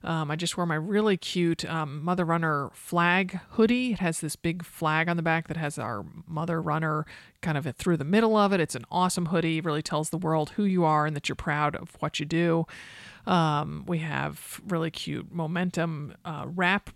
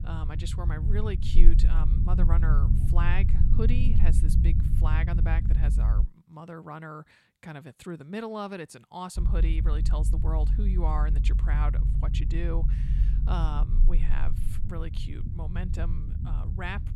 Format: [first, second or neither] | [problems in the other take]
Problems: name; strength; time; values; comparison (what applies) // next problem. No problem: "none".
first | low rumble; loud; until 6 s and from 9 s on; 6 dB below the speech